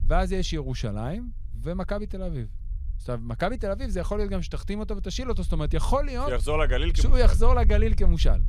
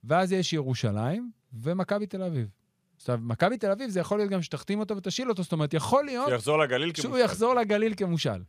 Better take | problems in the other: second | low rumble; faint; throughout; 20 dB below the speech

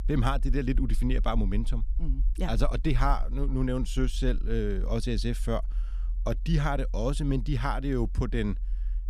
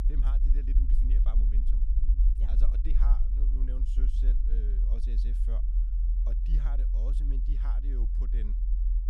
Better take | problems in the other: first | low rumble; loud; throughout; 1 dB below the speech; faint in the first

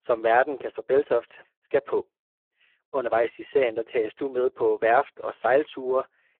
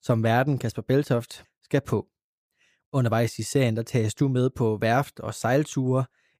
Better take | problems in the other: second | phone-call audio; poor line

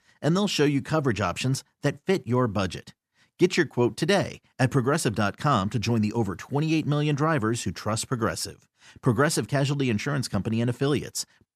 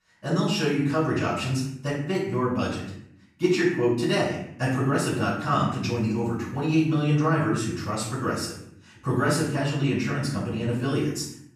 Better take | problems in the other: first | off-mic speech; far // room echo; noticeable; dies away in 0.6 s

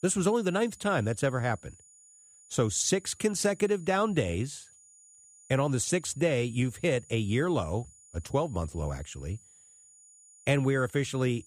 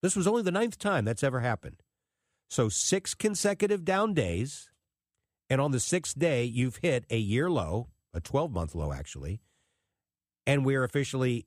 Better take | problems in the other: second | high-pitched whine; faint; throughout; 7 kHz, 25 dB below the speech

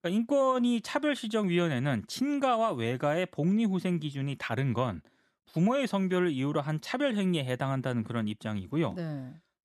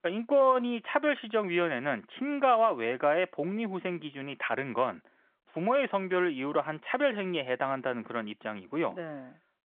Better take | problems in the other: first | phone-call audio; nothing above 3.5 kHz

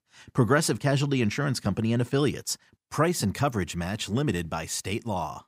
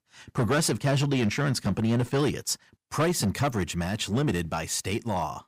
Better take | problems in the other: first | distortion; slight; 8% of the sound clipped

